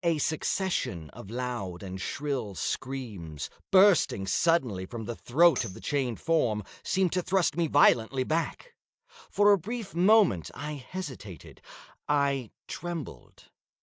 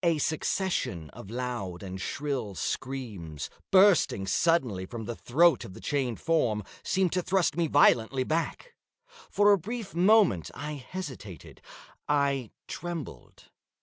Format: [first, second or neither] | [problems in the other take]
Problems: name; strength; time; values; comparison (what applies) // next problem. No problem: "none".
second | noise reduction (neural mask model DeepFilterNet 3)